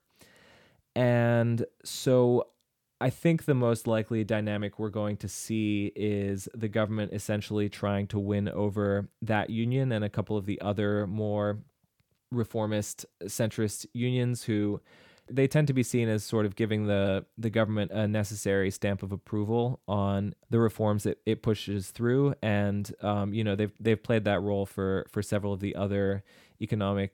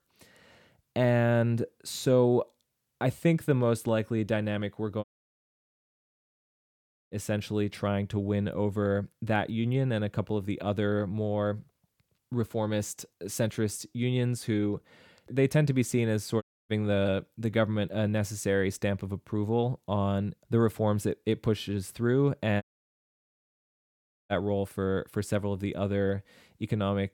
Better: first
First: none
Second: audio cutting out; at 5 s for 2 s, at 16 s and at 23 s for 1.5 s

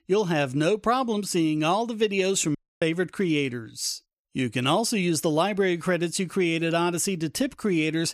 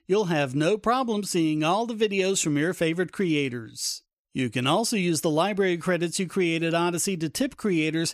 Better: second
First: audio cutting out; at 2.5 s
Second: none

